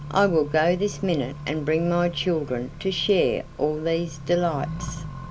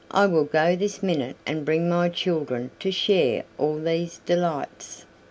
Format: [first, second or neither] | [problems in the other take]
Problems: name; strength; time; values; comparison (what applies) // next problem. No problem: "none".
second | background sound (Accelerating, revving, vroom); 12 dB below the speech